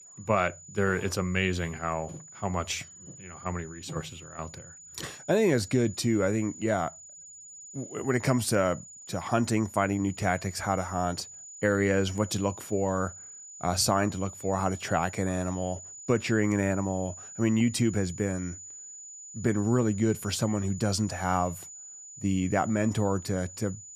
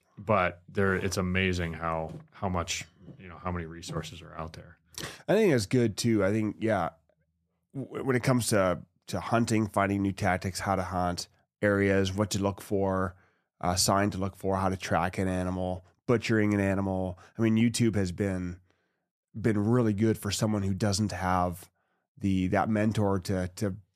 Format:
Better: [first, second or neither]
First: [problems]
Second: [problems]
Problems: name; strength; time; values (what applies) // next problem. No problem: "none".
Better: second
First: high-pitched whine; noticeable; throughout; 7 kHz, 15 dB below the speech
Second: none